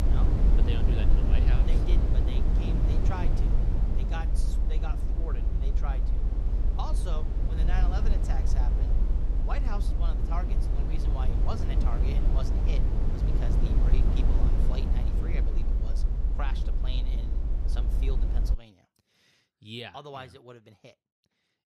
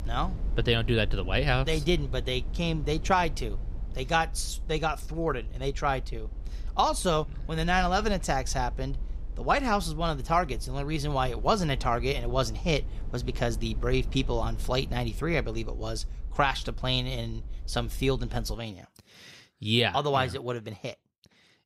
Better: second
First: low rumble; loud; until 19 s; as loud as the speech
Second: low rumble; faint; until 19 s; 25 dB below the speech

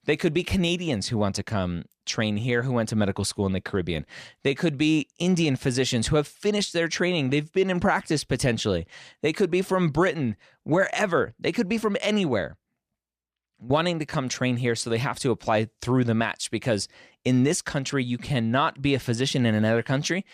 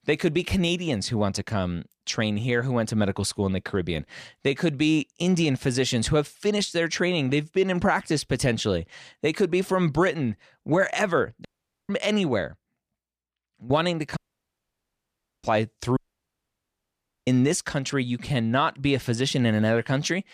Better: first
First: none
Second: audio cutting out; at 11 s, at 14 s for 1.5 s and at 16 s for 1.5 s

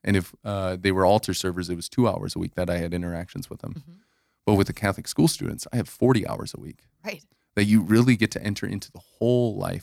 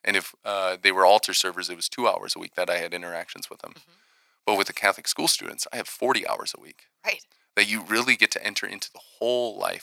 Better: first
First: none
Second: thin; very; fading below 750 Hz

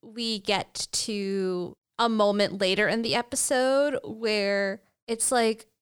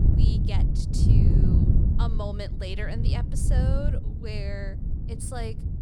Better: first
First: none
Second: wind noise on the microphone; heavy; as loud as the speech

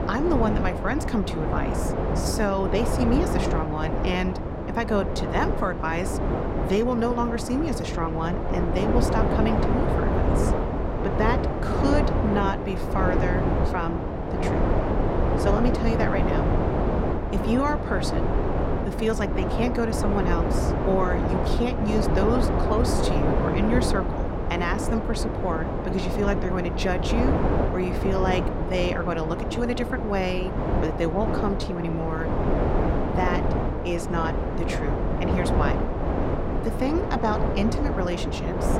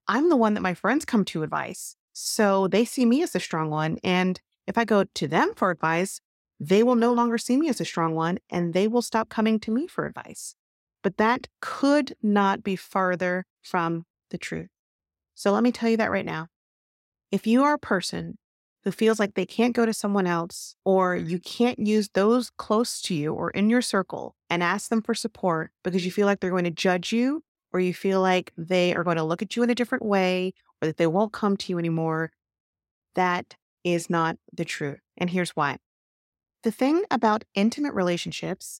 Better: second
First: wind noise on the microphone; heavy; as loud as the speech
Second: none

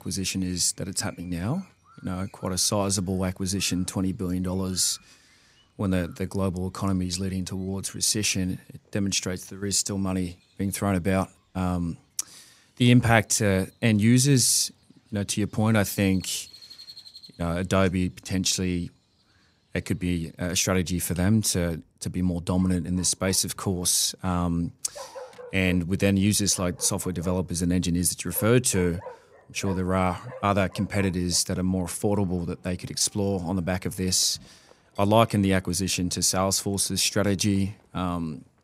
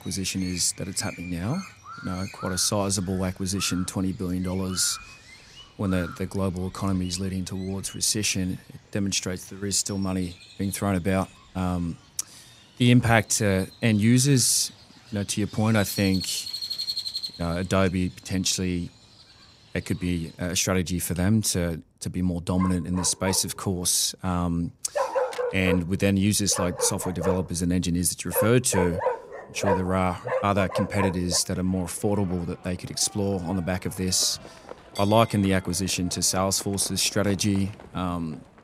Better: first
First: animal sounds; faint; throughout; 25 dB below the speech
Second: animal sounds; loud; throughout; 9 dB below the speech

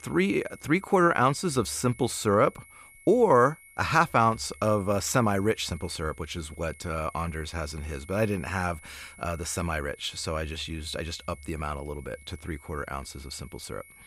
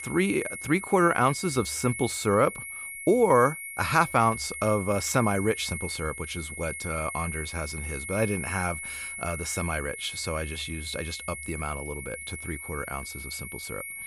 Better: first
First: high-pitched whine; faint; throughout; 2 kHz, 25 dB below the speech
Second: high-pitched whine; loud; throughout; 2 kHz, 8 dB below the speech

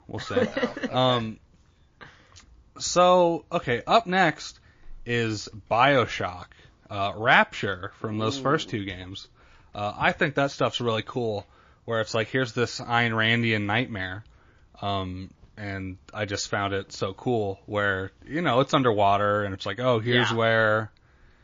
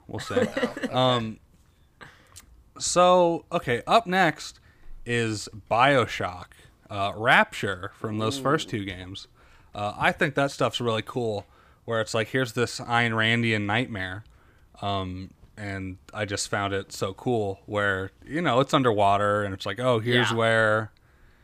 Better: second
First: garbled, watery; slightly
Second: none

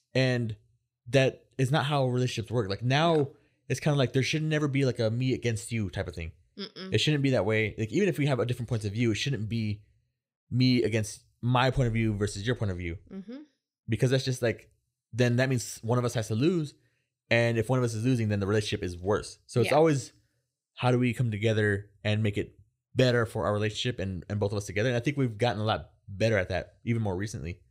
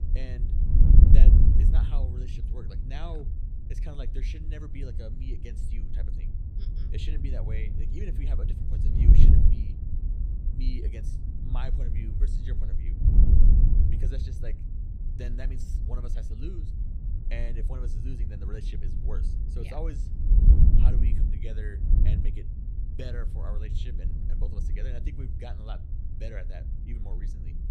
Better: first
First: none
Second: wind noise on the microphone; heavy; 1 dB above the speech

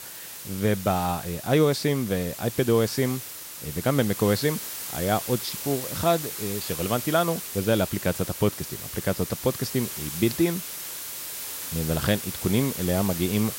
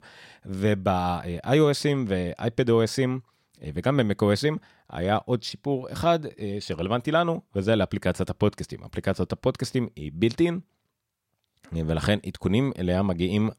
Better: second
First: hiss; loud; throughout; 7 dB below the speech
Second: none

